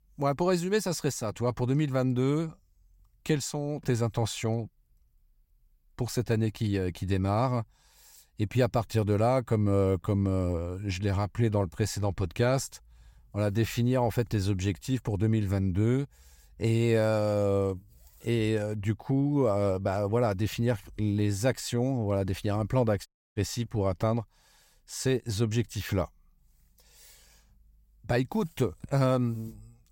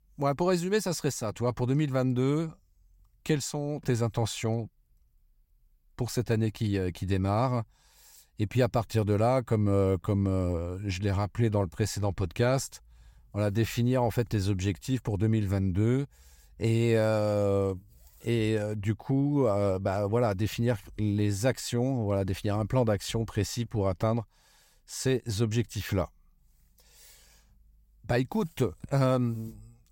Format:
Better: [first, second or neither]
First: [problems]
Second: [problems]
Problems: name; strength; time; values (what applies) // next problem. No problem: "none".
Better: second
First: audio cutting out; at 23 s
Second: none